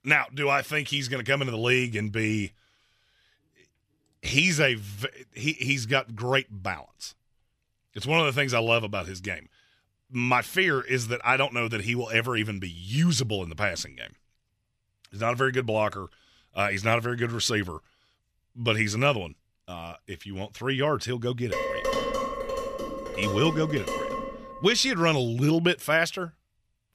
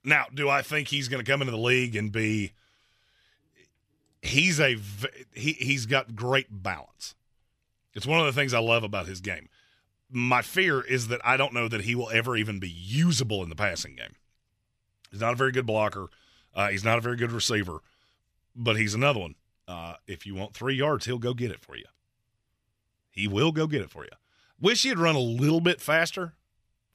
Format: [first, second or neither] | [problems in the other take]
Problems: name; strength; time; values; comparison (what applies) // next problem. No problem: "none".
second | clattering dishes; noticeable; from 22 to 25 s; peak 2 dB below the speech